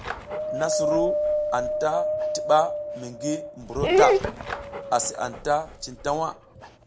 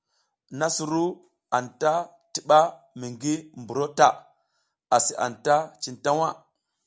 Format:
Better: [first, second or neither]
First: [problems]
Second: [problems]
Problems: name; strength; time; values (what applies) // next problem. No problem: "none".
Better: second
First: background sound (Dog + Wind); 1 dB above the speech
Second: none